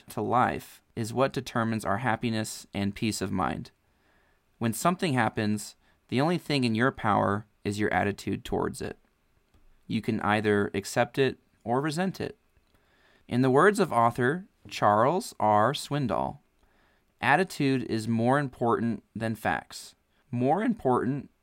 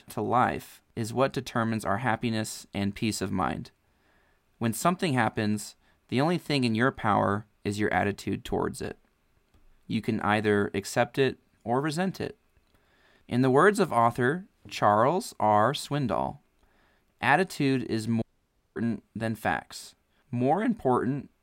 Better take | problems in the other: first | audio cutting out; at 18 s for 0.5 s

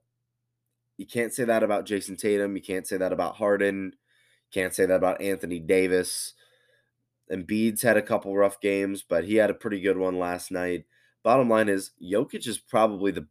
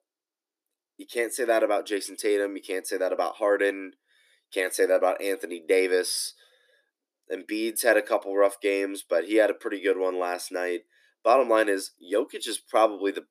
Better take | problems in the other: first | thin; somewhat; fading below 300 Hz

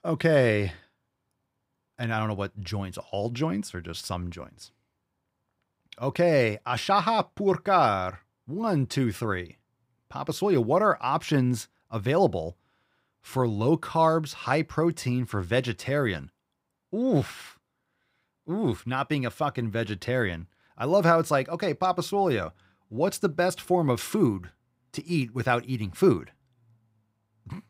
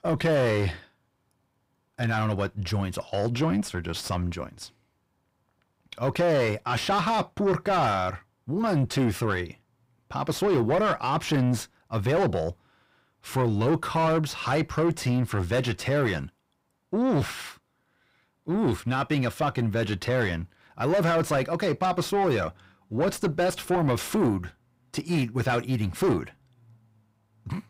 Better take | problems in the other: first | distortion; heavy; 7 dB below the speech

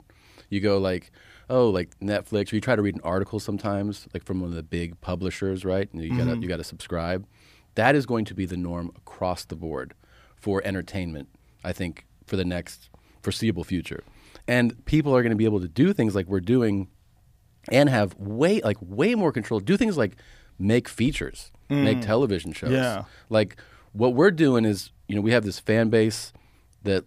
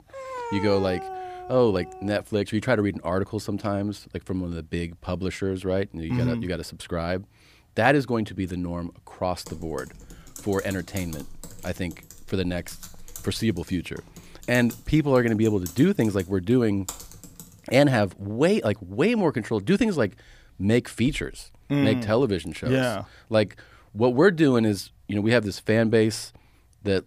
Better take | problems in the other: first | dog barking; noticeable; until 2 s; peak 8 dB below the speech // keyboard typing; faint; from 9.5 to 17 s; peak 10 dB below the speech

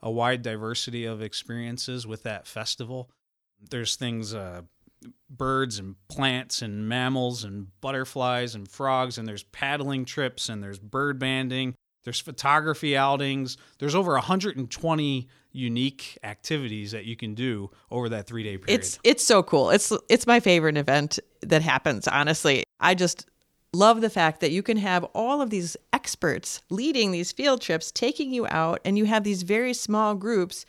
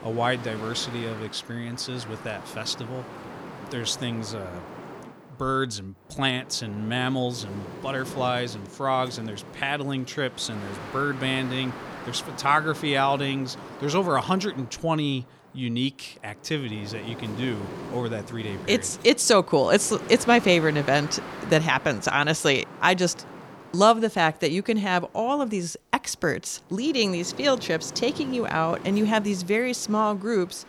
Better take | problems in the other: first | wind noise on the microphone; occasional gusts; 15 dB below the speech

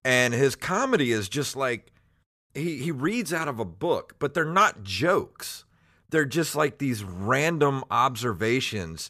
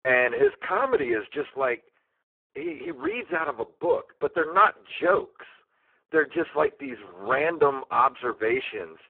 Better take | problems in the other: first | phone-call audio; poor line

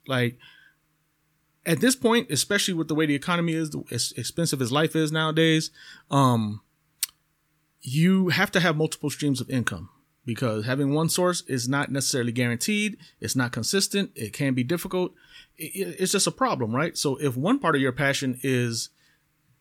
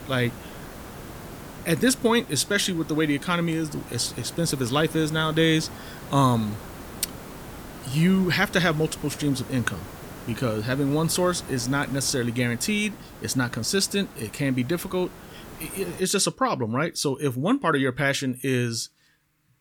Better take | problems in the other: first | hiss; noticeable; until 16 s; 15 dB below the speech

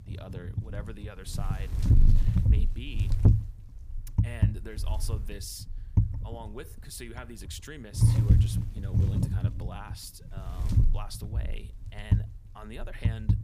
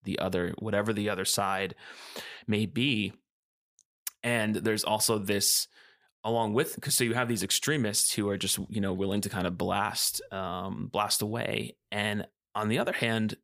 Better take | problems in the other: second | wind noise on the microphone; heavy; 3 dB above the speech

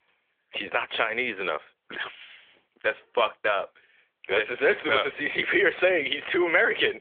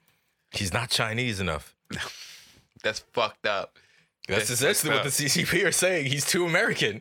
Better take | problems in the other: second | phone-call audio; nothing above 3.5 kHz

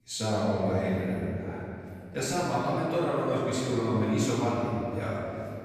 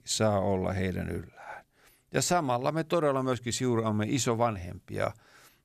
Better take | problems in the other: second | off-mic speech; far // room echo; strong; dies away in 2.7 s

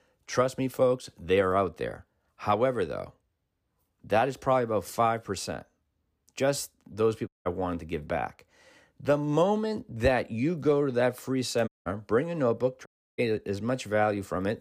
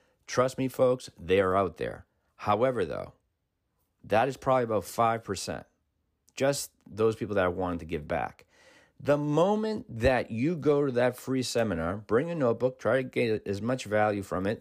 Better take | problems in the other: second | audio cutting out; at 7.5 s, at 12 s and at 13 s

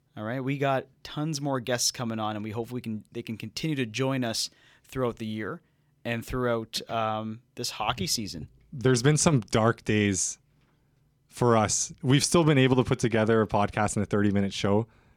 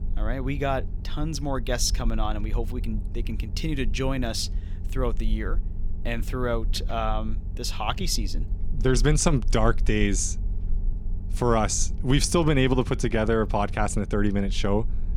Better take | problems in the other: first | low rumble; faint; throughout; 20 dB below the speech

